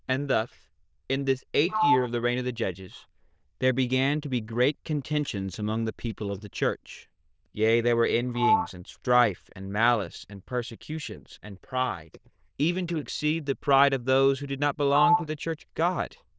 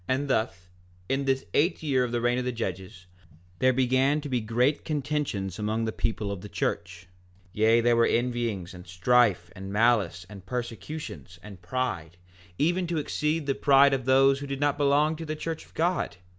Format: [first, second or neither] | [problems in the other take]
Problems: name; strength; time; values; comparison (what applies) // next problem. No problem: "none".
second | noise reduction (neural diffusion model UNIVERSE++)